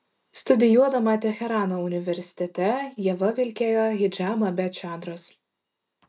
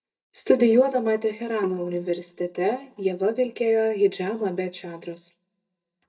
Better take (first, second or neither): first